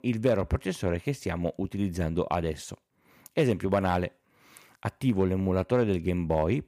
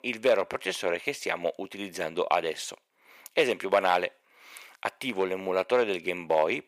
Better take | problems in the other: first | thin; very; fading below 550 Hz

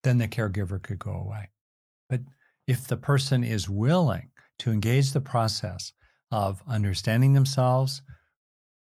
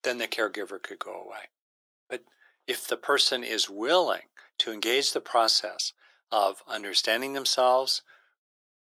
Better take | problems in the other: first | thin; very; fading below 350 Hz

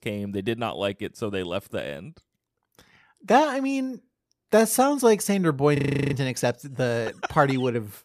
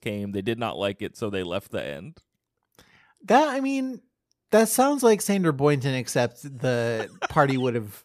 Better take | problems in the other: second | audio freezing; at 6 s

